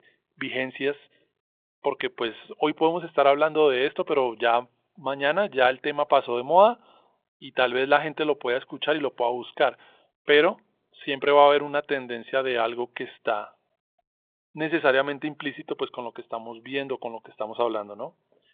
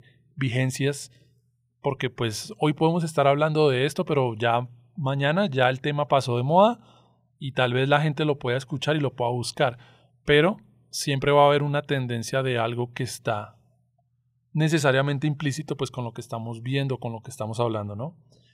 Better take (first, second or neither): second